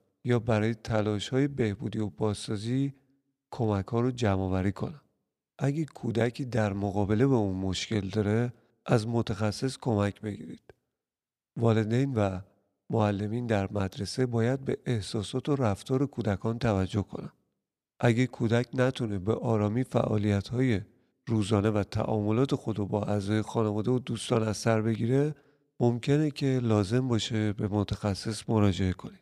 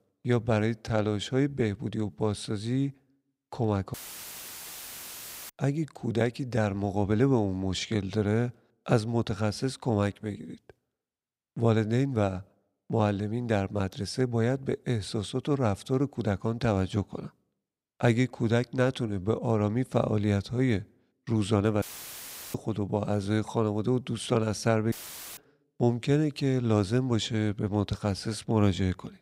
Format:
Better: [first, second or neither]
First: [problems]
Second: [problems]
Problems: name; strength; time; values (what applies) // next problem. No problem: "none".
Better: first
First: none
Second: audio cutting out; filled with static; at 4 s for 1.5 s, at 22 s for 0.5 s and at 25 s